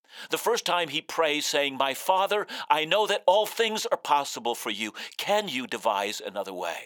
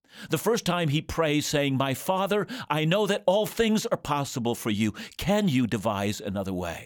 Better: second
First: thin; very; fading below 500 Hz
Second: none

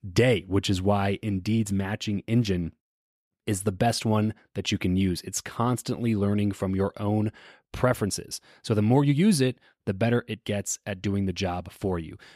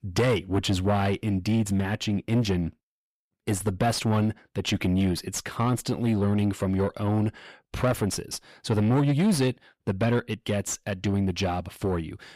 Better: first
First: none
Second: distortion; slight; 10 dB below the speech

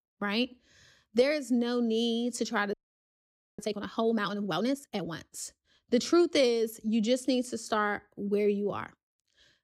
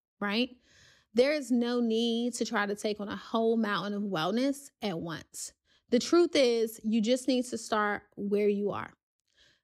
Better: second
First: audio freezing; at 2.5 s for 1 s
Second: none

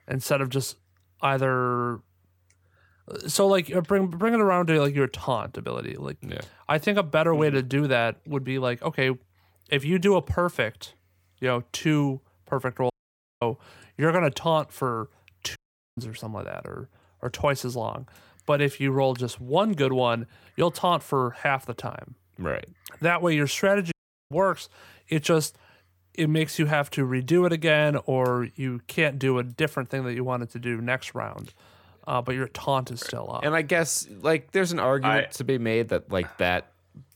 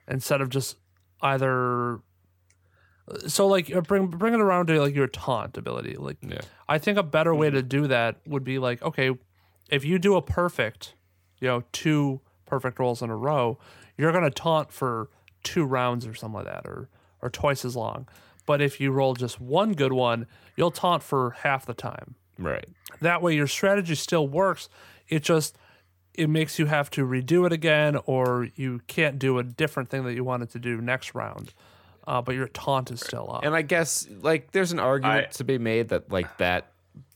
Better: second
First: audio cutting out; at 13 s for 0.5 s, at 16 s and at 24 s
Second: none

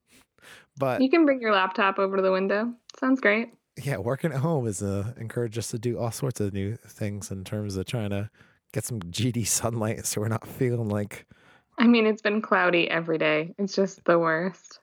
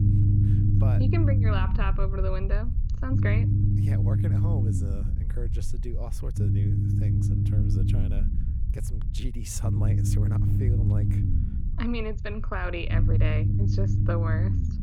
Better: first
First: none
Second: low rumble; loud; throughout; 1 dB below the speech

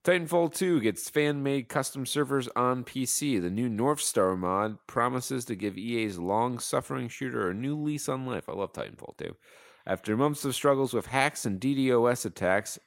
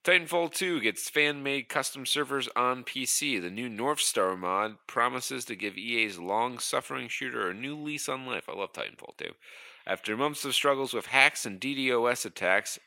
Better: first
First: none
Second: thin; very slightly; fading below 1 kHz

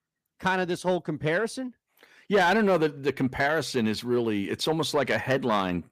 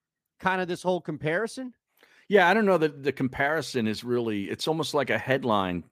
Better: second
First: distortion; slight; 10 dB below the speech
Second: none

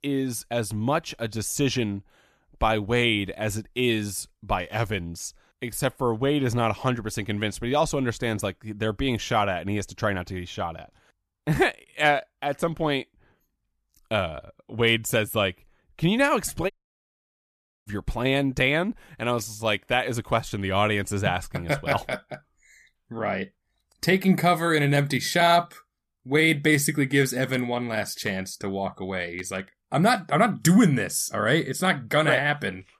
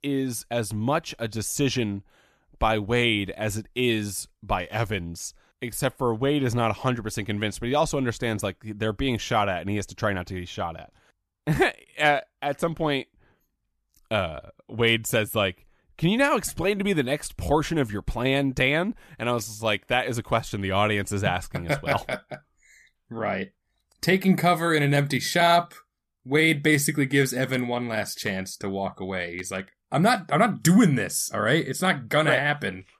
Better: second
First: audio cutting out; at 17 s for 1 s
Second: none

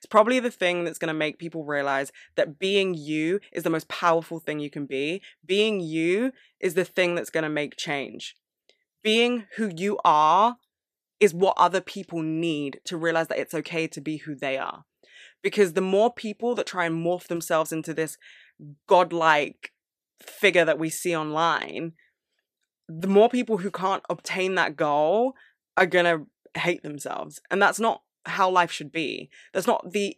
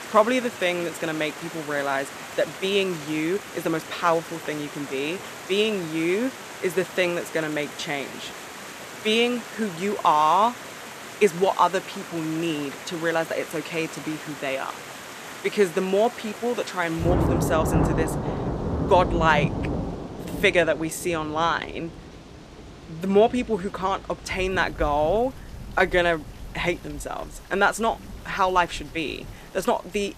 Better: first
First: none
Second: rain or running water; loud; throughout; 9 dB below the speech

